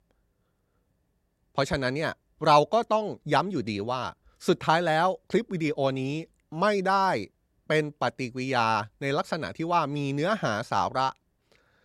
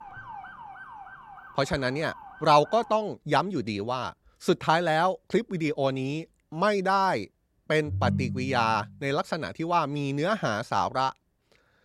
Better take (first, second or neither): first